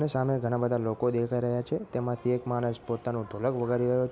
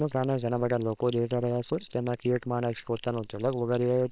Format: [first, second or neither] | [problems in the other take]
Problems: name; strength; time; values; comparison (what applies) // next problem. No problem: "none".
first | noise reduction (neural separator model SepFormer WHAM!)